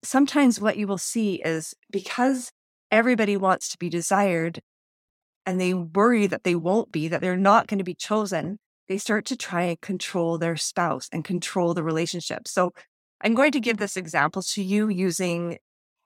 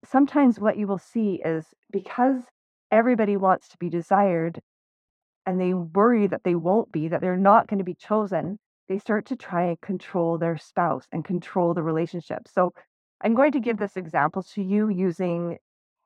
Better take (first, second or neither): first